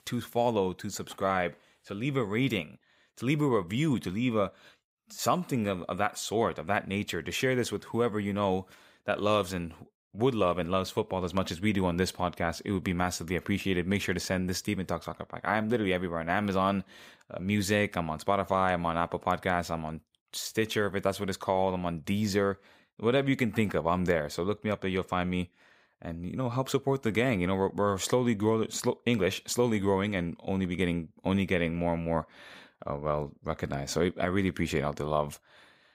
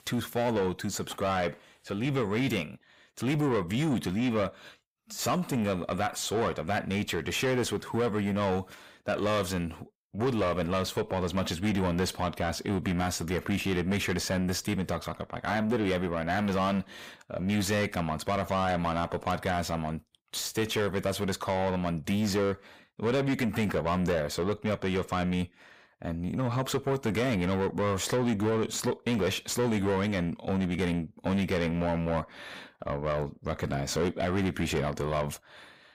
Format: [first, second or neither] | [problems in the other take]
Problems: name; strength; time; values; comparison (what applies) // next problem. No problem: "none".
first | distortion; heavy; 7 dB below the speech